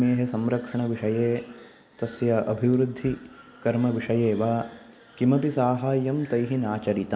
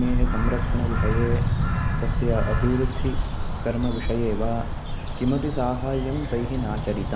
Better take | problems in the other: first | background sound (Bird vocalization, bird call, bird song); 3 dB above the speech

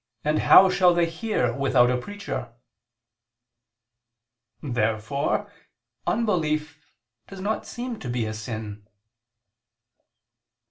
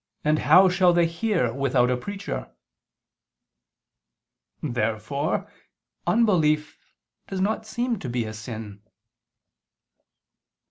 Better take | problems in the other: second | room echo; dies away in 0.2 s

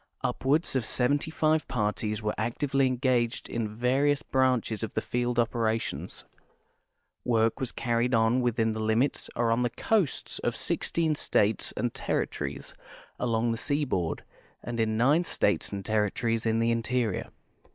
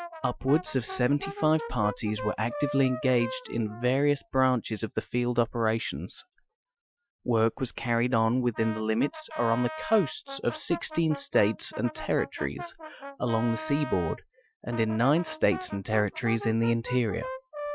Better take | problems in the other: first | noise reduction (classical method Wiener filter)

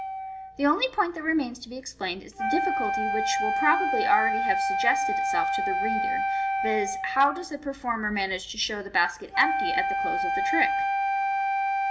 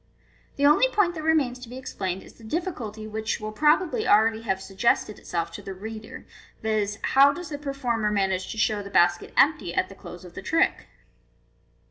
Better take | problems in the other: second | background sound (Wind instrument, woodwind instrument); 1 dB above the speech

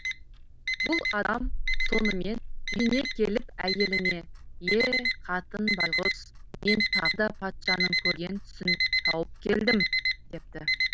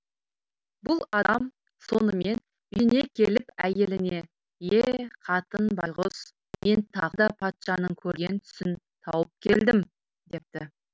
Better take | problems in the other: second | background sound (Alarm); 2 dB above the speech

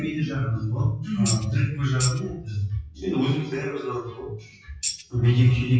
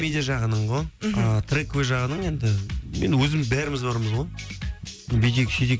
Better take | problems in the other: second | noise reduction (classical method WPE with log-MMSE)

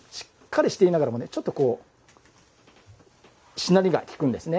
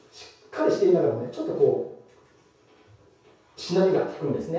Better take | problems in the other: first | room echo; dies away in 0.6 s

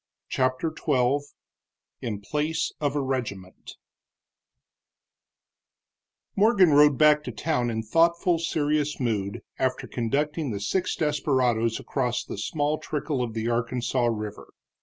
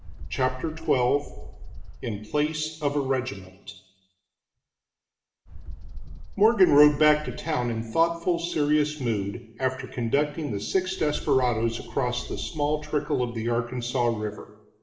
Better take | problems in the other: first | background sound (Bird); 13 dB below the speech // room echo; dies away in 0.8 s

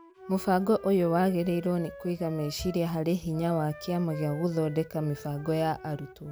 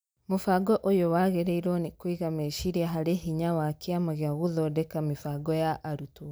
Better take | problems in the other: second | background sound (Wind instrument, woodwind instrument); 18 dB below the speech

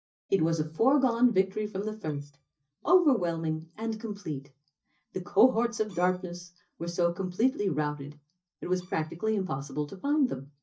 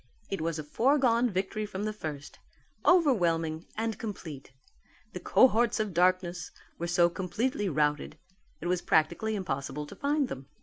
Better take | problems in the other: second | noise reduction (neural mask model DeepFilterNet 3)

